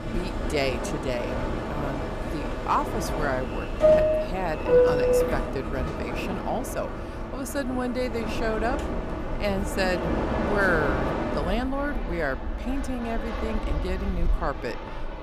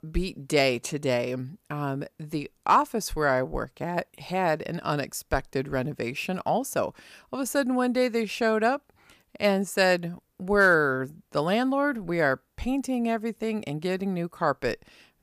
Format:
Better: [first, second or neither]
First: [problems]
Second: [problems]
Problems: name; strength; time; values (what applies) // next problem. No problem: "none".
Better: second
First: train or aircraft noise; very loud; throughout; 2 dB above the speech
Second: none